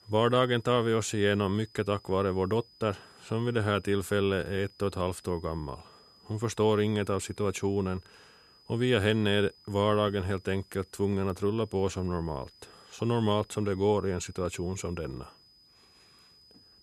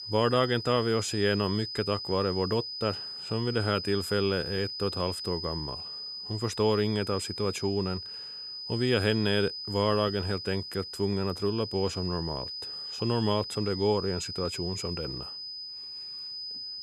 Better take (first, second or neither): first